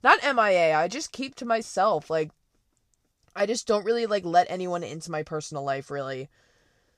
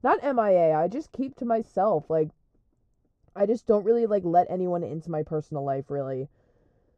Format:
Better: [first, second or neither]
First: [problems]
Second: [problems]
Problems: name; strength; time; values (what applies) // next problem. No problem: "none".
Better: first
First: none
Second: muffled; very; fading above 1 kHz